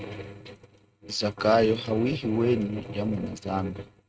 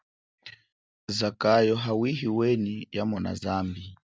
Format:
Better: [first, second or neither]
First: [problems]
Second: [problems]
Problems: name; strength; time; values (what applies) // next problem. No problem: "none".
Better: second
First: noise reduction (neural mask model RNNoise)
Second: none